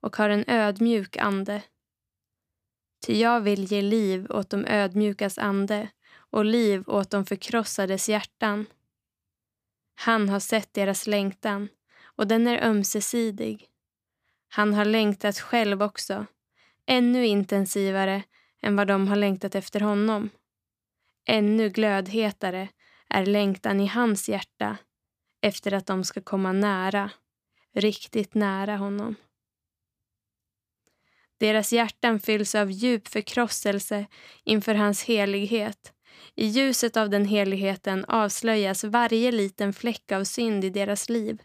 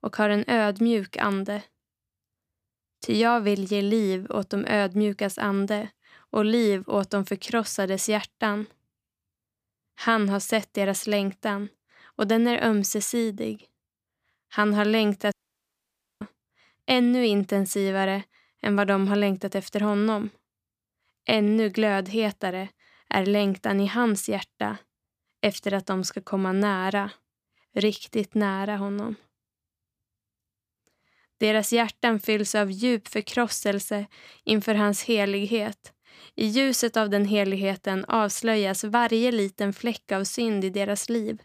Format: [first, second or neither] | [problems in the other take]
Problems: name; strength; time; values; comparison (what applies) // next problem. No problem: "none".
first | audio cutting out; at 15 s for 1 s